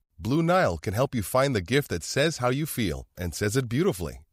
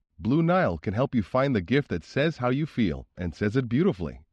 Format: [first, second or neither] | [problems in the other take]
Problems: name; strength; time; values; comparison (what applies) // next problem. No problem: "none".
first | muffled; slightly; fading above 3.5 kHz